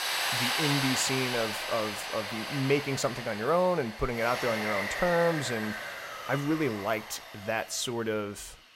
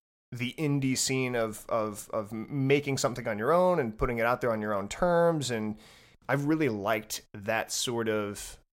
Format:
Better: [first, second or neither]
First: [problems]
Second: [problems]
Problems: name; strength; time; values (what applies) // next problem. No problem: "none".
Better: second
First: machinery noise; loud; throughout; 2 dB below the speech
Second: none